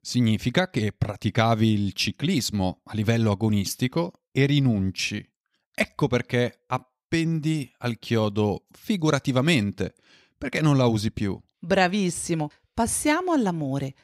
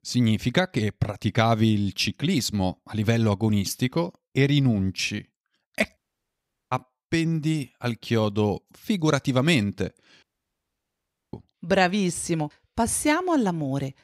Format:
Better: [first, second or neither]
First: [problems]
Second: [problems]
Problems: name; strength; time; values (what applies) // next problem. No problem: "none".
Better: first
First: none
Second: audio cutting out; at 6 s for 0.5 s and at 10 s for 1 s